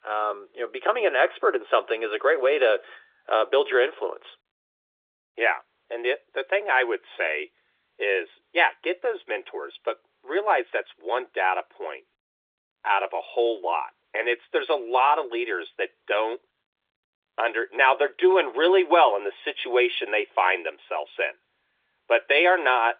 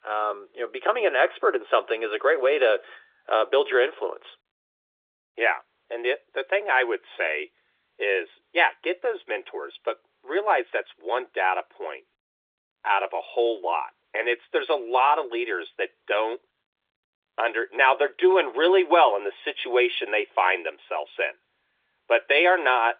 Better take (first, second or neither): neither